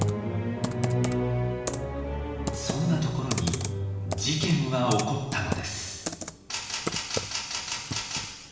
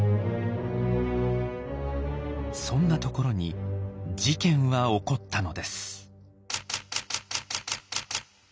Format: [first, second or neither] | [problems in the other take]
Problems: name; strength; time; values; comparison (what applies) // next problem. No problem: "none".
second | background sound (Computer keyboard); 8 dB below the speech // room echo; dies away in 1.2 s